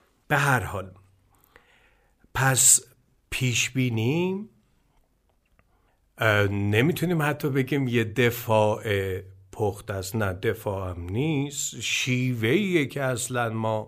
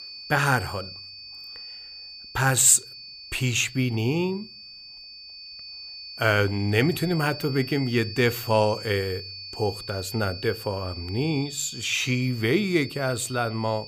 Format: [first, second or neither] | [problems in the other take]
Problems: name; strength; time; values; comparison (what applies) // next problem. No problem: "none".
first | high-pitched whine; noticeable; throughout; 4.5 kHz, 15 dB below the speech